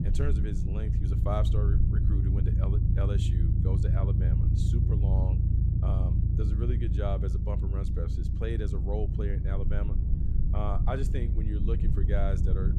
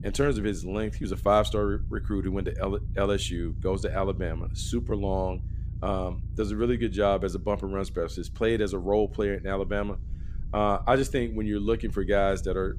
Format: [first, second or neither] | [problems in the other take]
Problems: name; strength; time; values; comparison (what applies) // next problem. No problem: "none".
second | low rumble; loud; throughout; 2 dB below the speech; faint in the second